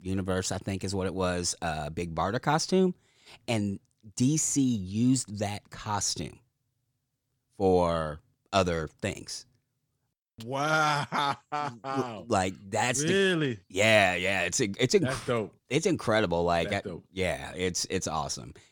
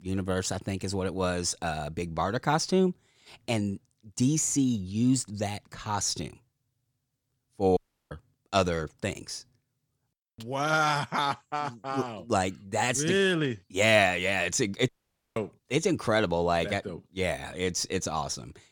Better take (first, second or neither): first